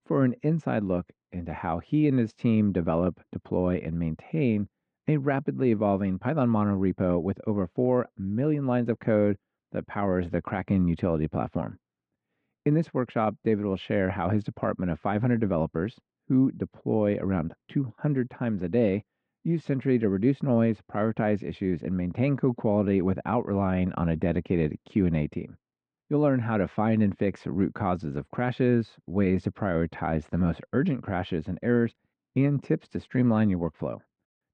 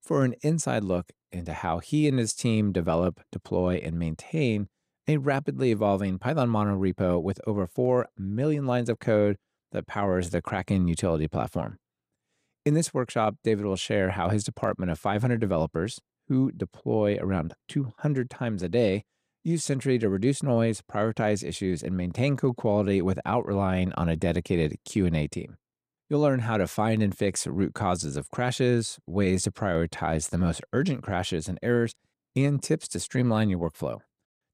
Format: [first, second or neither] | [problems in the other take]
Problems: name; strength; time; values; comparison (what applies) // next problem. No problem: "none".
second | muffled; very; fading above 2.5 kHz